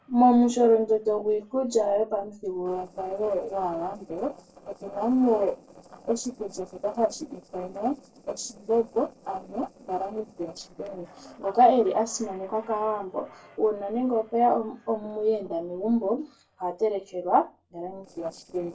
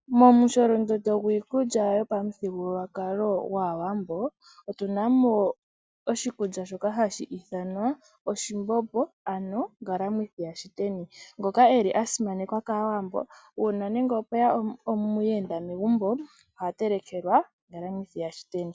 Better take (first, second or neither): second